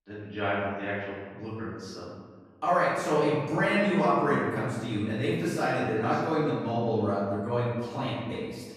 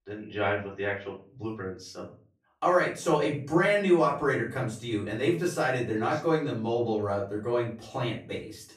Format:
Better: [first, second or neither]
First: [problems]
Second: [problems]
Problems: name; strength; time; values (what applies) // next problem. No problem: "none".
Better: second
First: room echo; strong; dies away in 1.5 s // off-mic speech; far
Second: room echo; slight; dies away in 0.3 s // off-mic speech; far